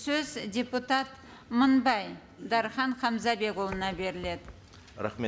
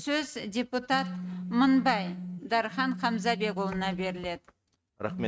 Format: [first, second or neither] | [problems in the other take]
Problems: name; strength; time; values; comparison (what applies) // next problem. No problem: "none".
first | noise reduction (neural mask model RNNoise)